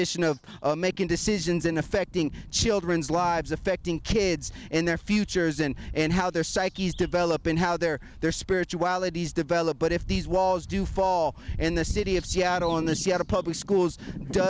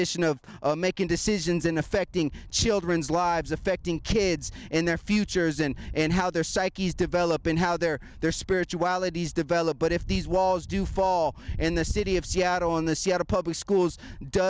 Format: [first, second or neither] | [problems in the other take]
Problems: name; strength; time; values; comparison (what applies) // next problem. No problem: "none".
second | background sound (Bird vocalization, bird call, bird song); 19 dB below the speech